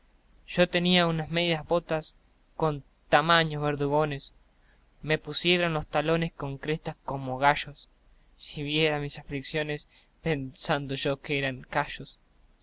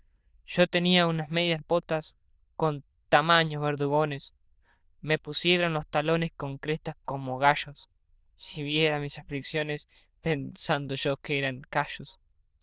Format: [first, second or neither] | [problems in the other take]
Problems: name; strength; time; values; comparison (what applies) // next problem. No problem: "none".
first | noise reduction (neural diffusion model UNIVERSE++)